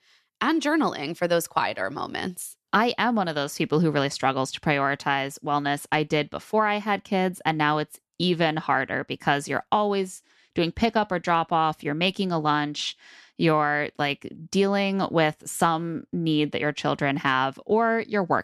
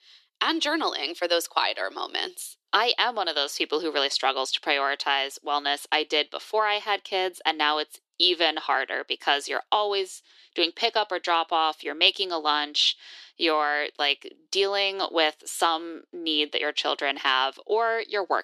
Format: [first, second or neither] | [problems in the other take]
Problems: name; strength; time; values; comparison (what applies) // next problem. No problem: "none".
first | thin; very; fading below 350 Hz